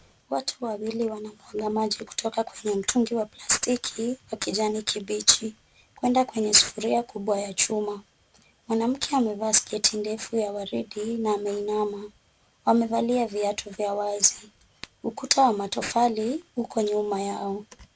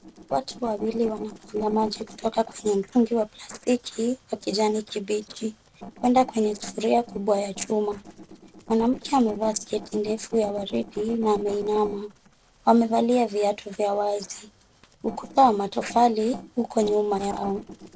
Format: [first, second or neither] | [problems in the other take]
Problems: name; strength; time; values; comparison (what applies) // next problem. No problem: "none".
first | noise reduction (neural separator model SepFormer DNS4)